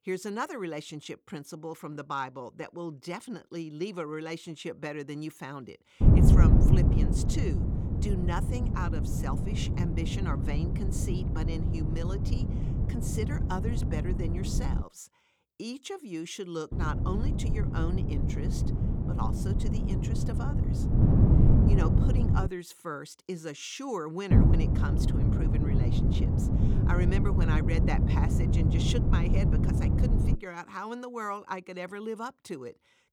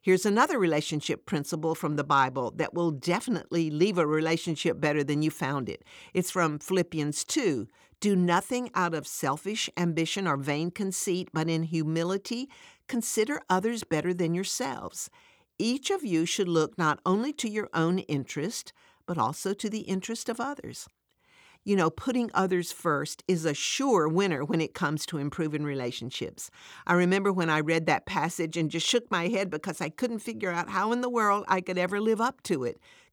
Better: second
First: wind noise on the microphone; heavy; from 6 to 15 s, from 17 to 22 s and from 24 to 30 s; as loud as the speech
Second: none

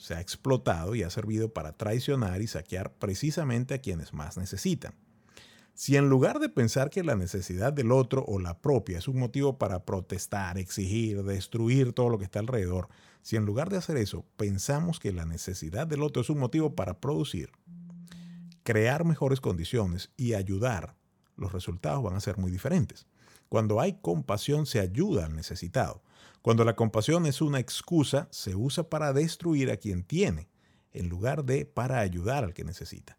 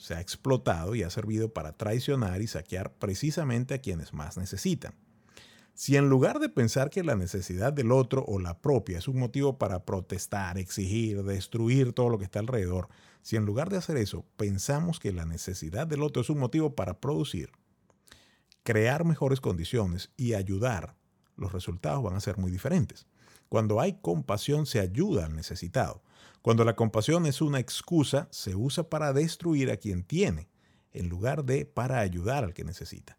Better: second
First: phone ringing; faint; from 17 to 19 s; peak 15 dB below the speech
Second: none

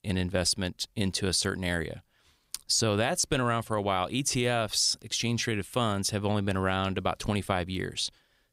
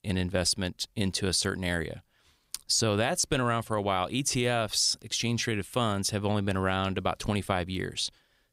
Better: neither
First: none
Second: none

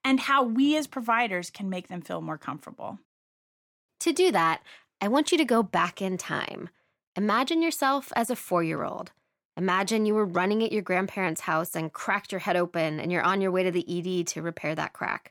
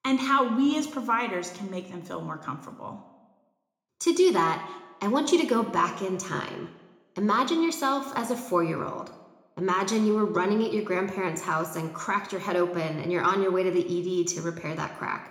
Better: first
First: none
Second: room echo; slight; dies away in 0.7 s

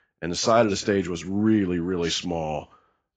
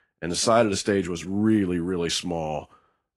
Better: second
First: garbled, watery; badly; nothing above 7.5 kHz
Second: garbled, watery; slightly

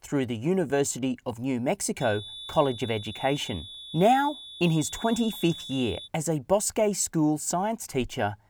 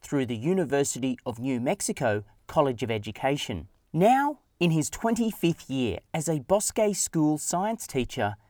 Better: second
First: high-pitched whine; noticeable; from 2 to 6 s; 3.5 kHz, 10 dB below the speech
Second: none

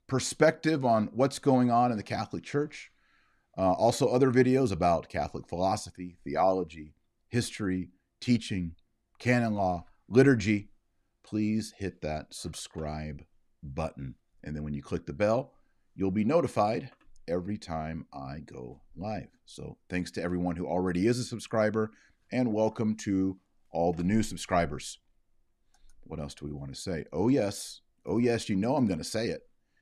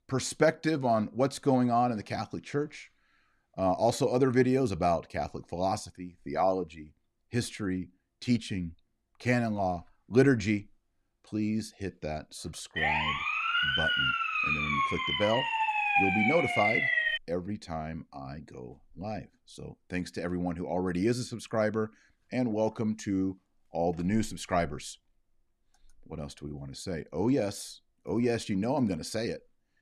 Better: first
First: none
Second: siren; loud; from 13 to 17 s; peak 6 dB above the speech

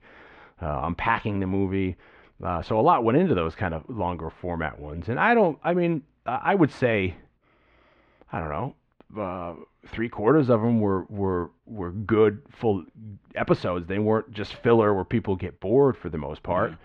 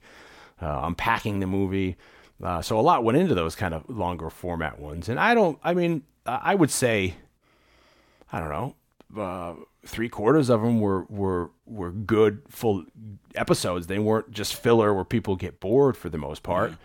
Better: second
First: muffled; slightly; fading above 3 kHz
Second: none

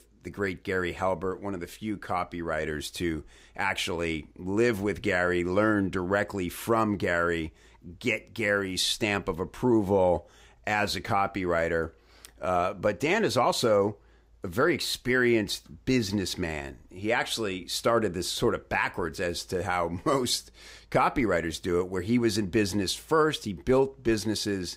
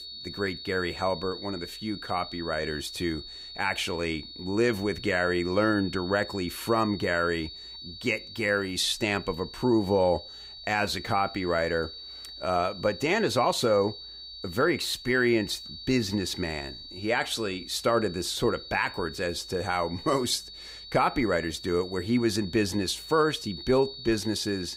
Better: first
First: none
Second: high-pitched whine; noticeable; throughout; 4.5 kHz, 10 dB below the speech

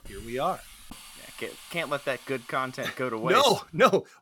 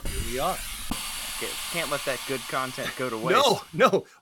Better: first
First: hiss; faint; throughout; 20 dB below the speech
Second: hiss; loud; throughout; 7 dB below the speech

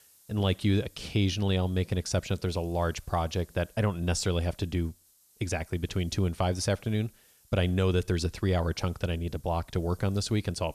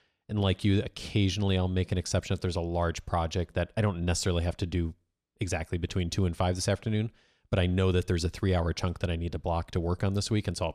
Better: second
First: hiss; faint; throughout; 30 dB below the speech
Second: none

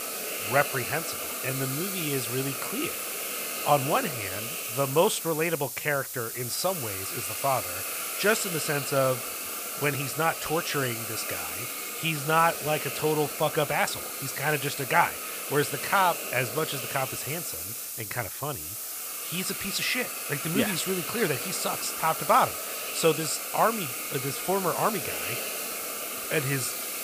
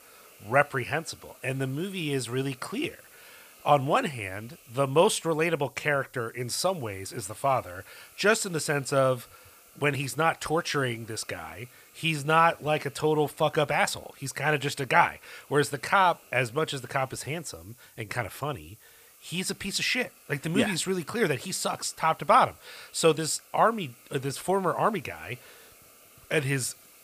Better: second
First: hiss; loud; throughout; 3 dB below the speech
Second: hiss; faint; throughout; 25 dB below the speech

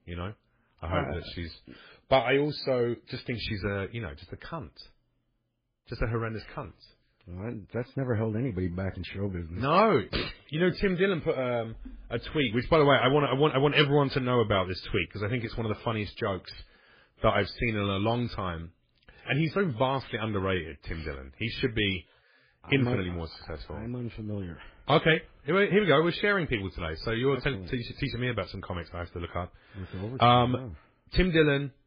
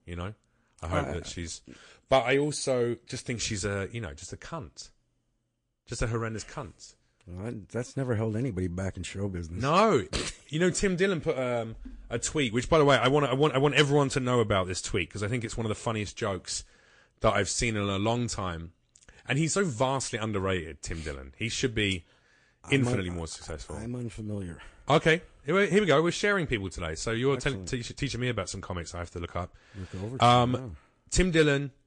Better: second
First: garbled, watery; badly; nothing above 4.5 kHz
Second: garbled, watery; slightly; nothing above 9 kHz

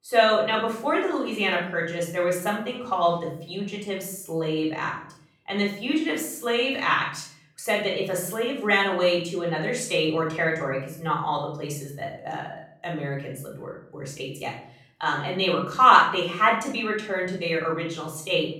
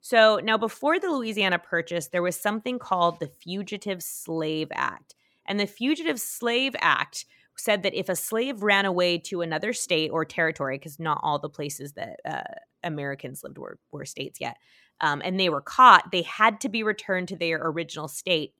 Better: second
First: off-mic speech; far // room echo; noticeable; dies away in 0.5 s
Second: none

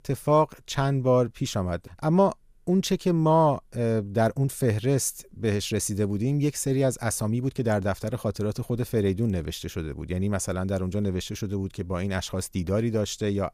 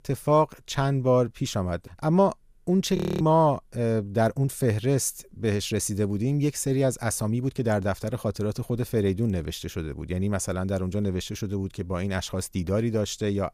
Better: first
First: none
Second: audio freezing; at 3 s

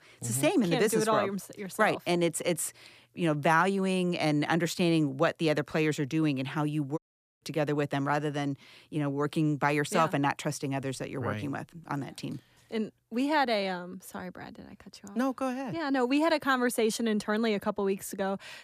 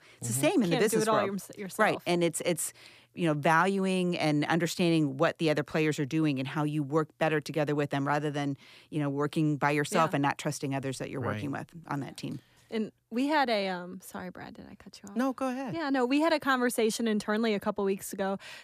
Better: second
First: audio cutting out; at 7 s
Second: none

